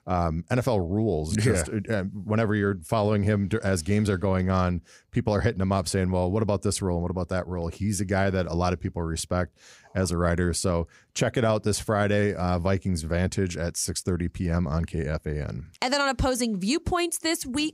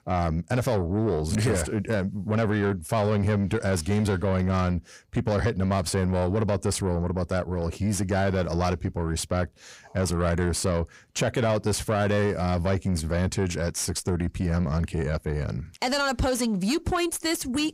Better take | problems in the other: first | distortion; slight; 10 dB below the speech

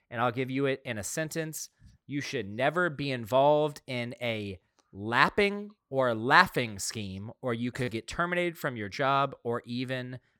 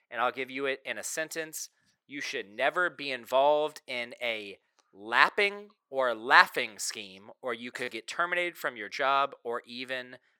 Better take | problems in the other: first | thin; somewhat; fading below 450 Hz

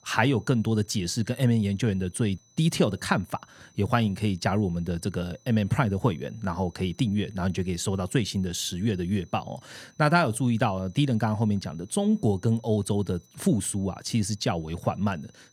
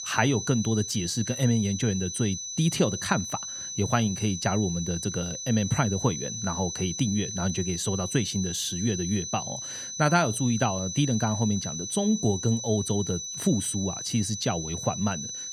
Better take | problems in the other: first | high-pitched whine; loud; throughout; 6 kHz, 5 dB below the speech; faint in the first

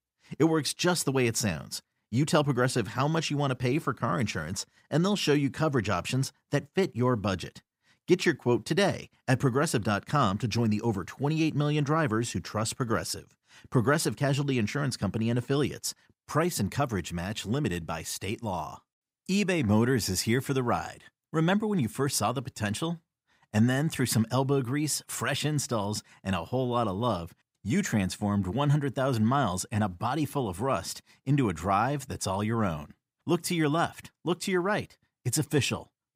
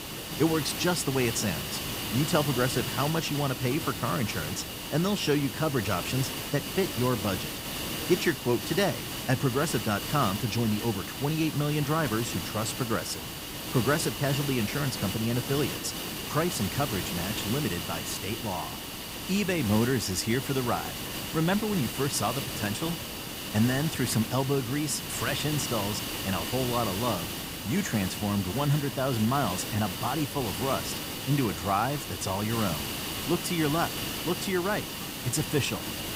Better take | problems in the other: first | hiss; loud; throughout; 4 dB below the speech

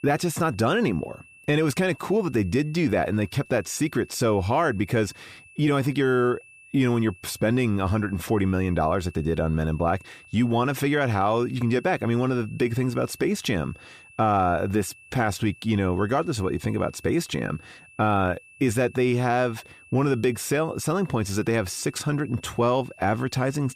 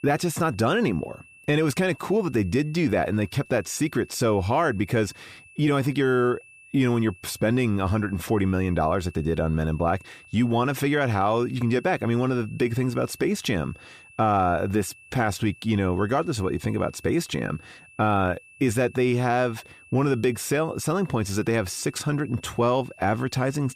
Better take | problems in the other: neither | high-pitched whine; faint; throughout; 2.5 kHz, 25 dB below the speech; the same in both

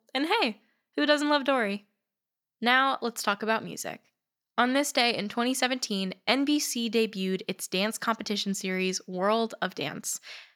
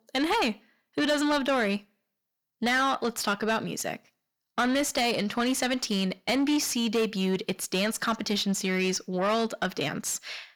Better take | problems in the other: first | distortion; heavy; 8 dB below the speech

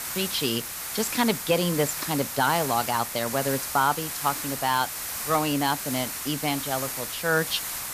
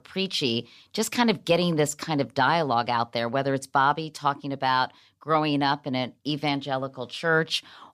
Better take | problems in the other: second | hiss; loud; throughout; 4 dB below the speech

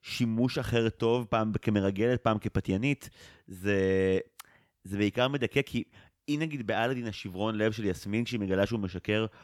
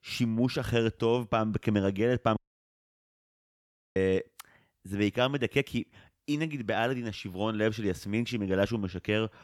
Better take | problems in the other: first | audio cutting out; at 2.5 s for 1.5 s

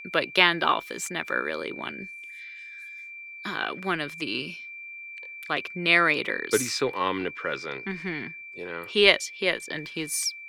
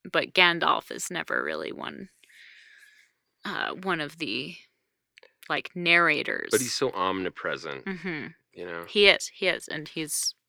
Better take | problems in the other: second | high-pitched whine; noticeable; throughout; 2.5 kHz, 15 dB below the speech

